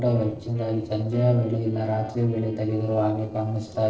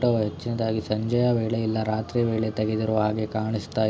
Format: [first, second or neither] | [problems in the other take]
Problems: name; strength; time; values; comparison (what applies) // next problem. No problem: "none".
second | noise reduction (neural separator model SepFormer DNS4)